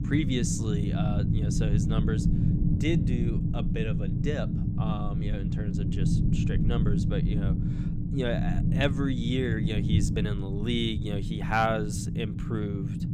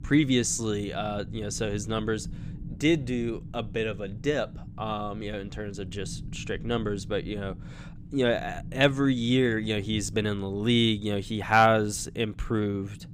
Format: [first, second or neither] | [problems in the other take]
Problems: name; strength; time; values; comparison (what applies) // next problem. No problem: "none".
second | low rumble; loud; throughout; 4 dB below the speech; faint in the second